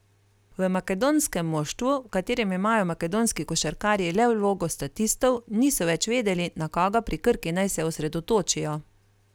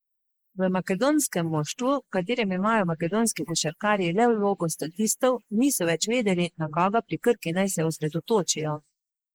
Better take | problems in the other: first | noise reduction (neural mask model Resemble Enhance denoiser)

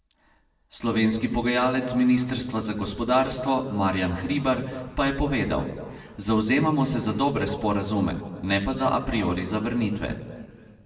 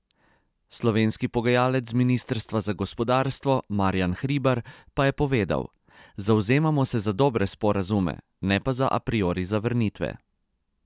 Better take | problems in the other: second | room echo; dies away in 1.4 s

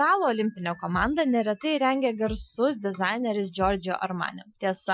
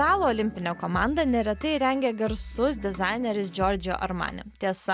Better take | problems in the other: second | noise reduction (classical method Wiener filter)

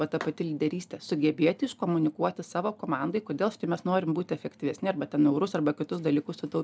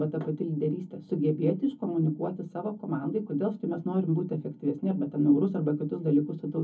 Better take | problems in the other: first | room echo; dies away in 0.3 s

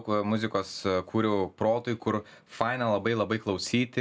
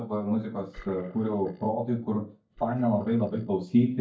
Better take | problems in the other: first | noise reduction (neural mask model DeepFilterNet 3)

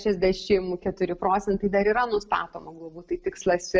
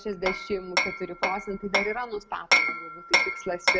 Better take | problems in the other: first | background sound (Hammer); 5 dB above the speech

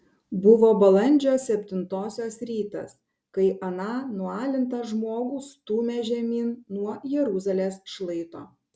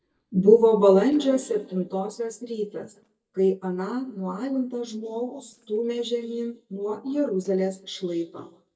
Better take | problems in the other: first | noise reduction (neural mask model DeepFilterNet 3)

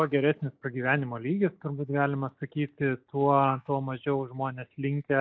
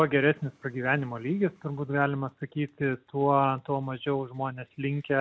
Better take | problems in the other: second | noise reduction (neural mask model DeepFilterNet 3)

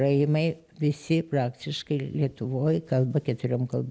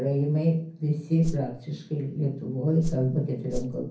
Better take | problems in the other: first | background sound (Whoosh, swoosh, swish); 7 dB below the speech // room echo; dies away in 0.6 s

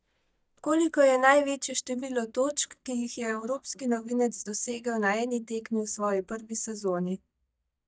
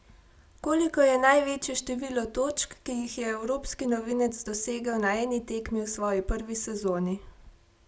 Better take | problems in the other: second | noise reduction (neural mask model DeepFilterNet 3)

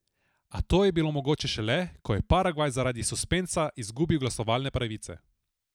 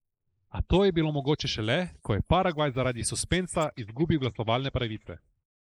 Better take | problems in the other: first | noise reduction (neural mask model Resemble Enhance denoiser)

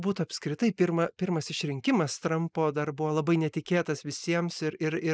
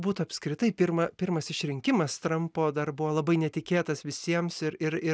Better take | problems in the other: second | noise reduction (neural mask model Resemble Enhance denoiser)

